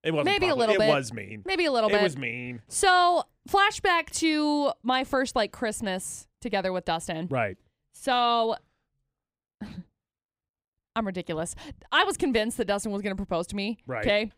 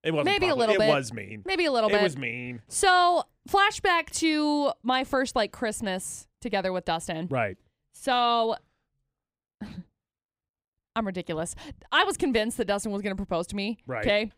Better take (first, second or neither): neither